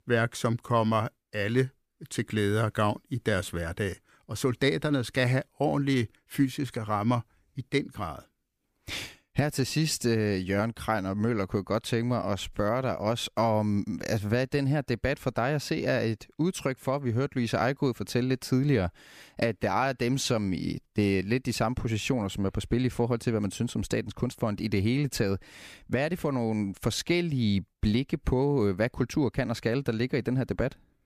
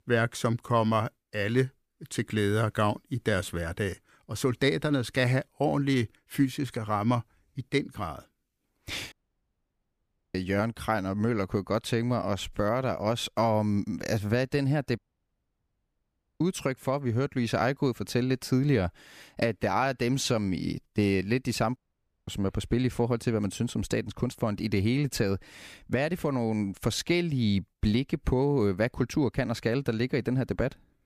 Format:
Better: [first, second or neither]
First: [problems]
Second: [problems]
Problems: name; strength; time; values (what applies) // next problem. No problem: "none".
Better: first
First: none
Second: audio cutting out; at 9 s for 1 s, at 15 s for 1.5 s and at 22 s for 0.5 s